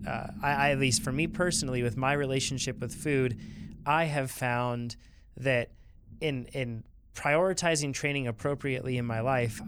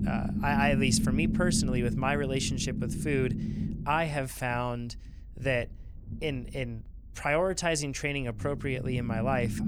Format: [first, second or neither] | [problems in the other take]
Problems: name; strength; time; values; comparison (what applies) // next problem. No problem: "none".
first | low rumble; loud; throughout; 9 dB below the speech; faint in the first